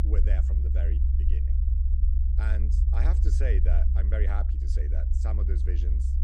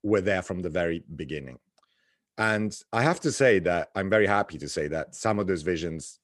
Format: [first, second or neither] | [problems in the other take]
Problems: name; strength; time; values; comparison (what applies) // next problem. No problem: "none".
second | low rumble; loud; throughout; 3 dB below the speech